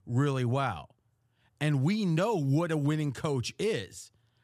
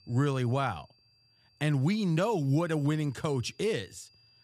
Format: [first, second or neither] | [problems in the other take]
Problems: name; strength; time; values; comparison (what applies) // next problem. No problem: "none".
first | high-pitched whine; faint; throughout; 4.5 kHz, 30 dB below the speech